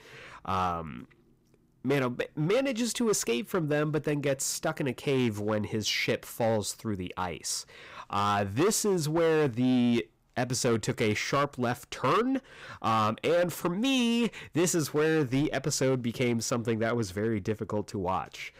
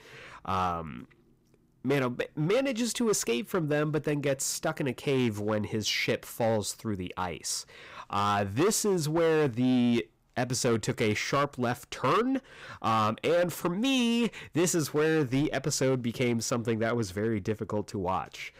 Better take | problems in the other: neither | distortion; slight; 8% of the sound clipped; the same in both

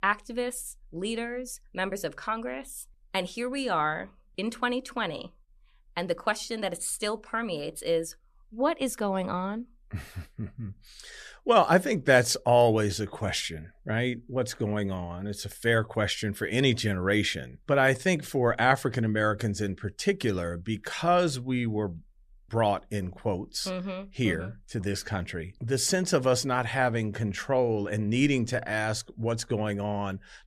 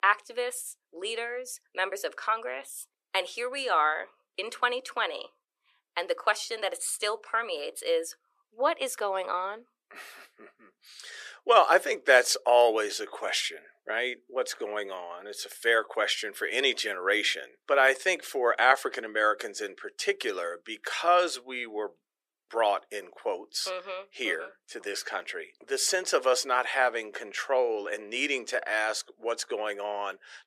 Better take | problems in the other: first | thin; very; fading below 400 Hz

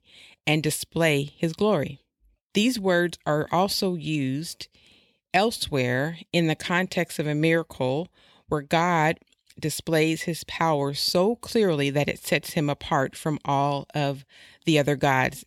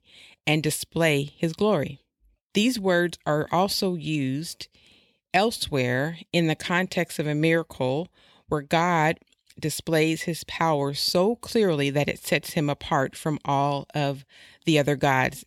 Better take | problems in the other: neither | none

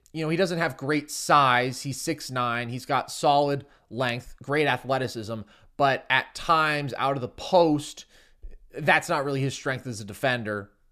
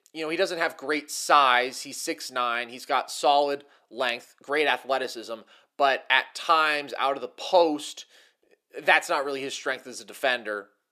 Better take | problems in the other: first | thin; somewhat; fading below 350 Hz

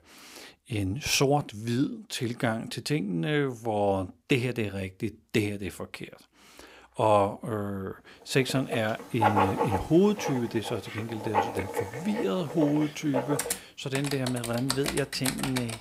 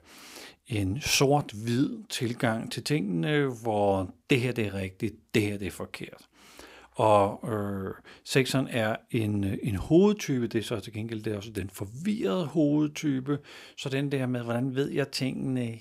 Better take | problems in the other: second | household noises; loud; from 8.5 s on; 4 dB below the speech

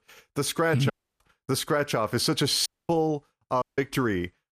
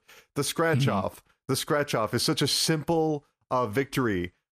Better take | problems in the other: second | audio cutting out; at 1 s, at 2.5 s and at 3.5 s

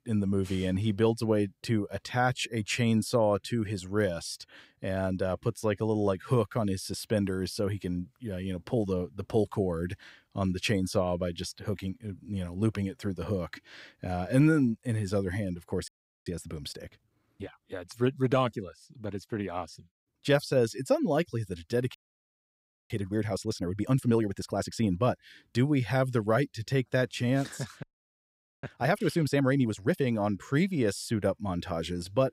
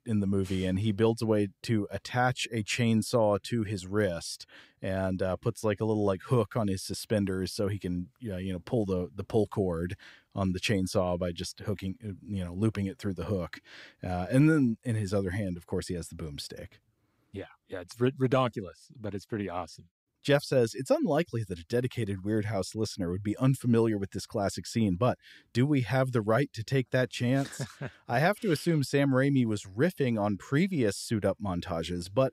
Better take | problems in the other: second | audio freezing; at 16 s, at 22 s for 1 s and at 28 s for 1 s

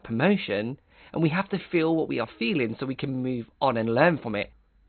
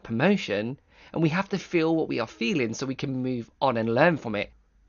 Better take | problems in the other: second | garbled, watery; badly; nothing above 4 kHz; slightly in the second

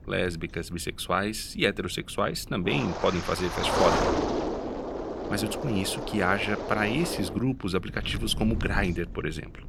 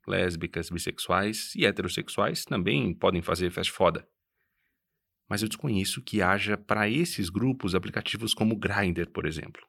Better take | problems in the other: second | wind noise on the microphone; heavy; 2 dB below the speech

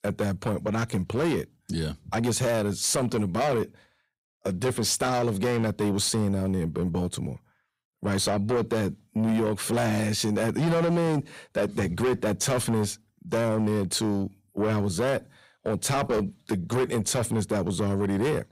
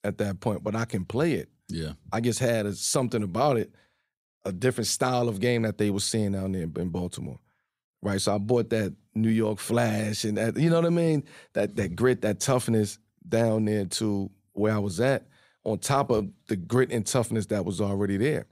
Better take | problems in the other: second | distortion; heavy; 8 dB below the speech

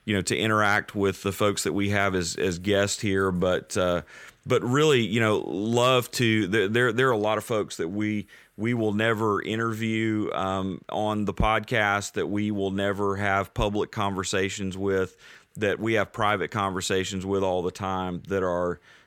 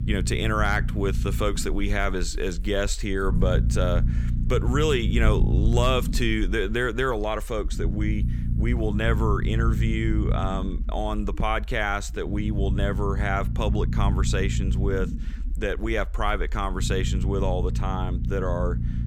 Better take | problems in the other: first | low rumble; noticeable; throughout; 10 dB below the speech

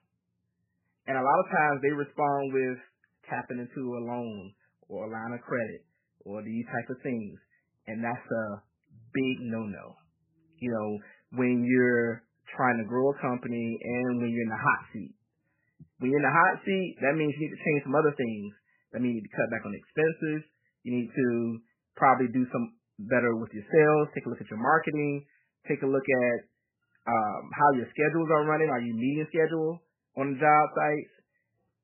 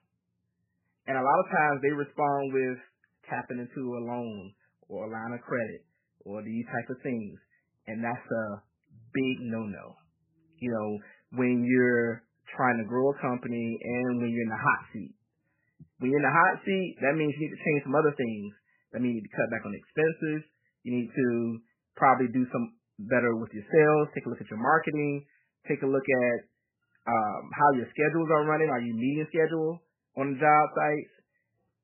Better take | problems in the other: neither | garbled, watery; badly; nothing above 2.5 kHz; the same in both

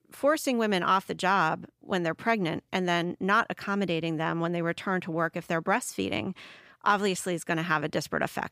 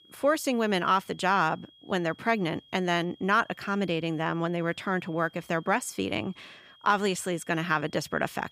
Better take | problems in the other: first | high-pitched whine; faint; throughout; 3.5 kHz, 25 dB below the speech

